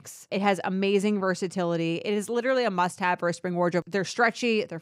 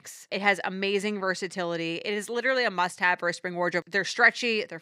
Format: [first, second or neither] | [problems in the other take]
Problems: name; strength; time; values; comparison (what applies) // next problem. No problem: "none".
first | thin; very slightly; fading below 600 Hz